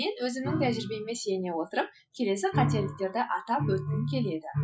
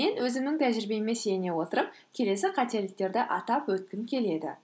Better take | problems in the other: second | noise reduction (classical method Wiener filter)

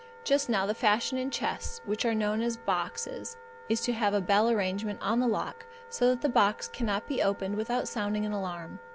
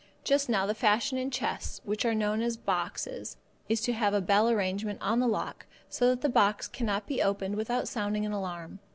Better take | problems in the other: second | background sound (Wind instrument, woodwind instrument); 19 dB below the speech

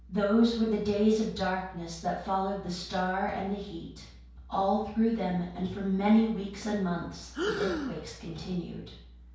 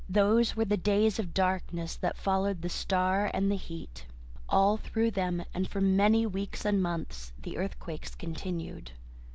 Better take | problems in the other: second | background sound (Breathing); 7 dB below the speech // room echo; dies away in 0.5 s

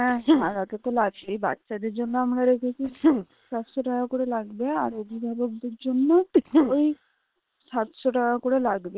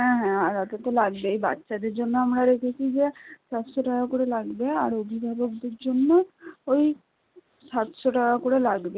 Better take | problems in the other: second | noise reduction (neural separator model SepFormer WHAM!)

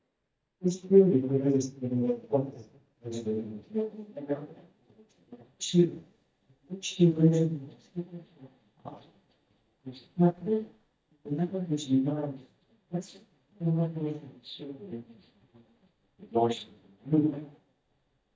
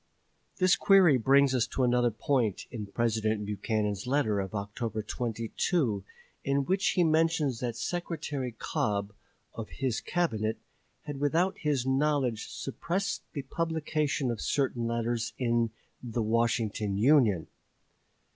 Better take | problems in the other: second | noise reduction (neural mask model DeepFilterNet 3)

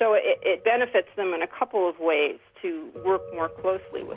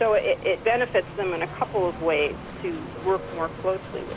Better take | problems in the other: first | background sound (Bicycle); 13 dB below the speech

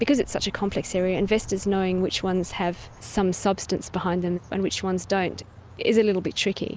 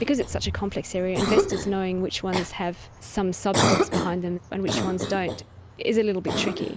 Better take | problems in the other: first | background sound (Cough); 2 dB below the speech

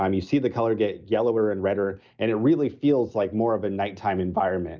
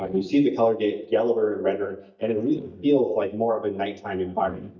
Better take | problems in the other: first | noise reduction (neural mask model DeepFilterNet 3)

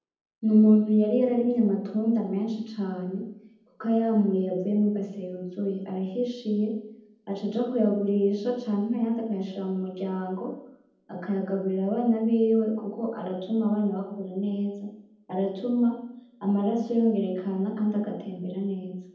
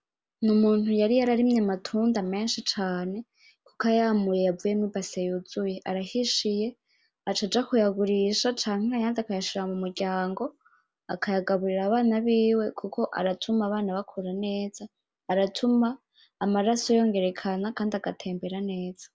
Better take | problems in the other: second | room echo; dies away in 0.8 s

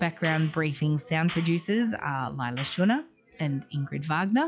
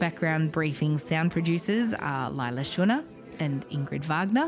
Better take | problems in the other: second | noise reduction (classical method log-MMSE)

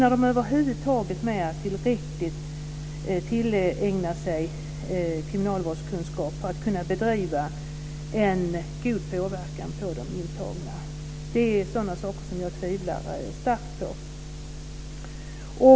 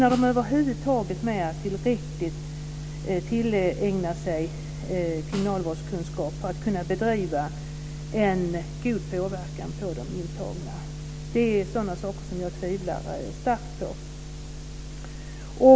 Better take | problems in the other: first | background sound (Snare drum); 20 dB below the speech

